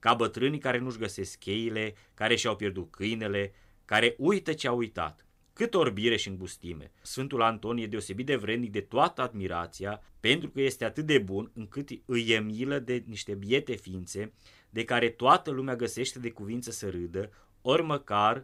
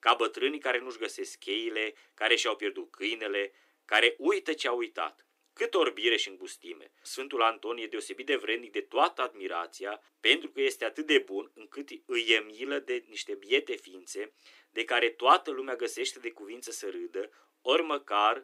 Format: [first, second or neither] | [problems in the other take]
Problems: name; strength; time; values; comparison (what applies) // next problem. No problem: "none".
first | thin; somewhat; fading below 300 Hz